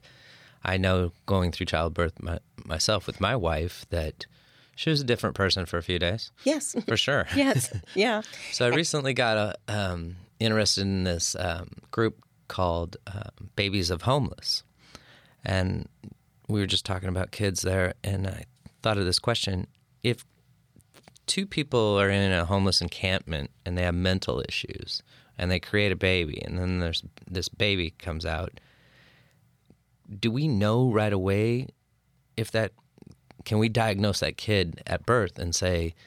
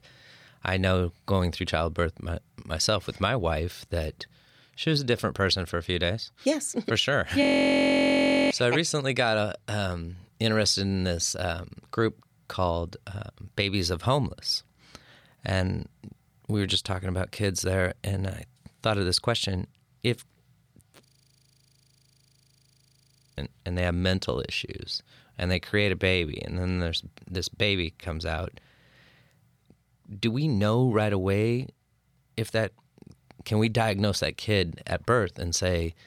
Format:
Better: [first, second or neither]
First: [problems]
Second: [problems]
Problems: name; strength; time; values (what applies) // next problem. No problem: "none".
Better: first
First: none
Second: audio freezing; at 7.5 s for 1 s and at 21 s for 2.5 s